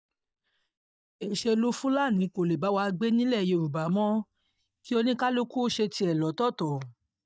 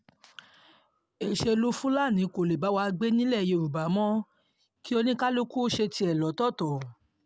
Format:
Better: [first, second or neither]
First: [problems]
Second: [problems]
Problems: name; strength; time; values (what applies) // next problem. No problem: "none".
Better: second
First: noise reduction (neural mask model DeepFilterNet 3)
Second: none